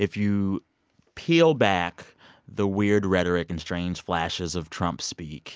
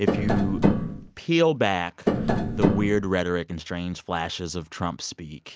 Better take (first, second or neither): first